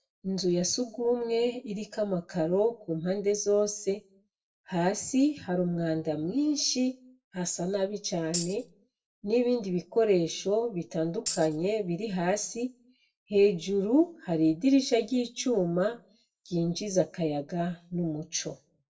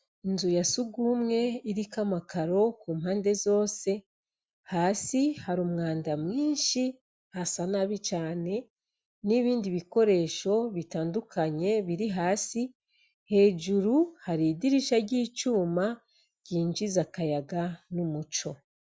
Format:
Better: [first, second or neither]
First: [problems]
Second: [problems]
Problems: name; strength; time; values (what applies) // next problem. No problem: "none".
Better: second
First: noise reduction (neural separator model SepFormer DNS4)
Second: none